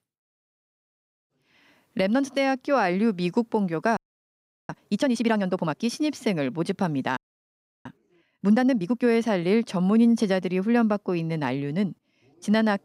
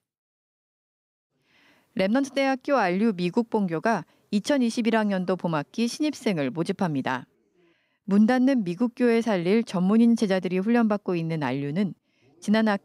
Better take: second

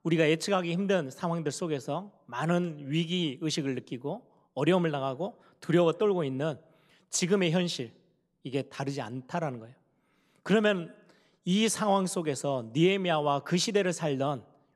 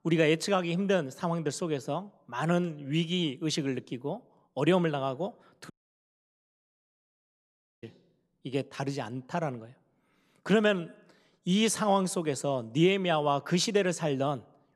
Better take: first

